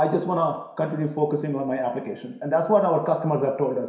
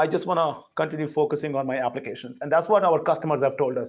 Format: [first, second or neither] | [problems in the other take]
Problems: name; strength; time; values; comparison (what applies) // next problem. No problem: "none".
second | room echo; dies away in 0.7 s